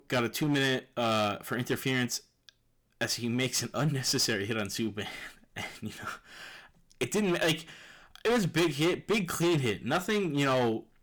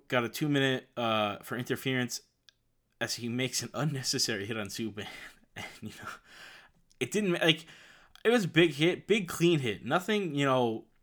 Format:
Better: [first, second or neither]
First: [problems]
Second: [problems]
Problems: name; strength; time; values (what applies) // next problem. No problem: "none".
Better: second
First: distortion; heavy; 10% of the sound clipped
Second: none